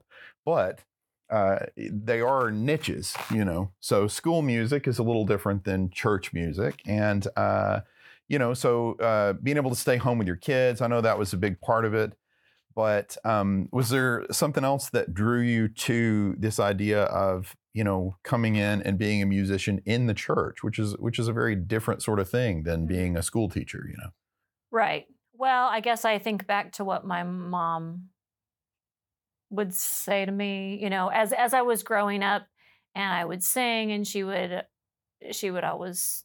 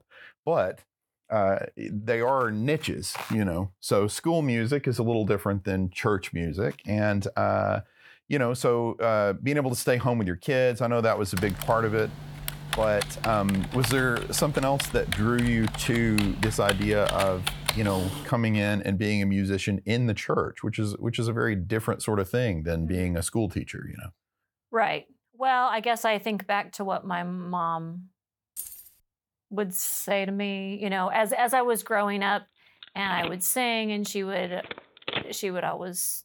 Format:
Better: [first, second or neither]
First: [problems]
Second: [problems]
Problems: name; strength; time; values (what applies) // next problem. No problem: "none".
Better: first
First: none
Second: keyboard typing; noticeable; from 11 to 18 s; peak 2 dB below the speech // jangling keys; faint; at 29 s; peak 10 dB below the speech // phone ringing; noticeable; from 33 to 35 s; peak 5 dB below the speech